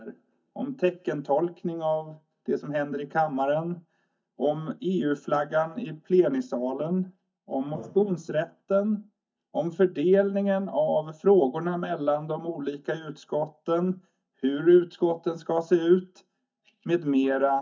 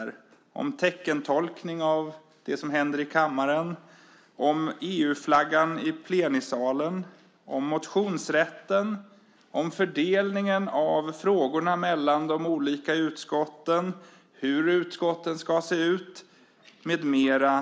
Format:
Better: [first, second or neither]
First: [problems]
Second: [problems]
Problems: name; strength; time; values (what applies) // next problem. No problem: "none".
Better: second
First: noise reduction (neural mask model DeepFilterNet 3)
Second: none